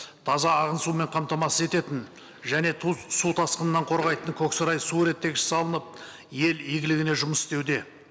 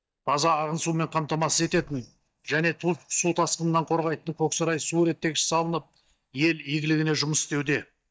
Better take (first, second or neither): first